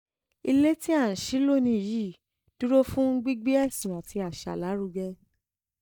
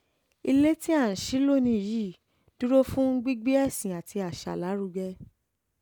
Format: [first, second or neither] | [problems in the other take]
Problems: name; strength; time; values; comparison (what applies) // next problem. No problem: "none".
second | noise reduction (neural mask model DeepFilterNet 3)